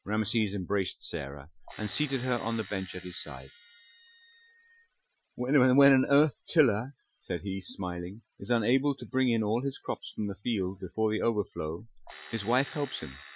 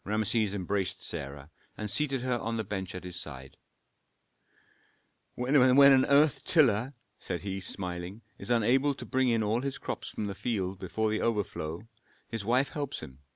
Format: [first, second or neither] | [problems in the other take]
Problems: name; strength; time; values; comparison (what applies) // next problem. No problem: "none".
second | noise reduction (classical method Wiener filter)